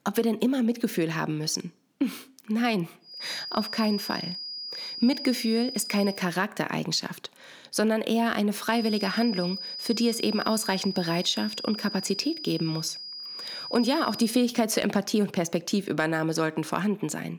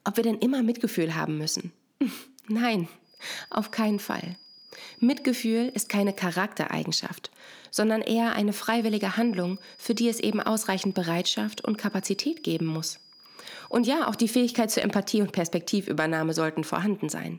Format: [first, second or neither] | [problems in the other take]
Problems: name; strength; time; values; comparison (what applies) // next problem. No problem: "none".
second | high-pitched whine; loud; from 3 to 6 s and from 9 to 14 s; 5 kHz, 8 dB below the speech; faint in the second